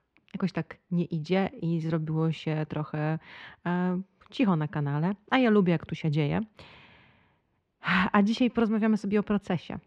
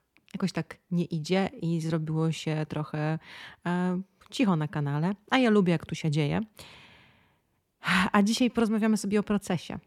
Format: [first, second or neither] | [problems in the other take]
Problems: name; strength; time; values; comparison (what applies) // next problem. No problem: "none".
second | muffled; slightly; fading above 3 kHz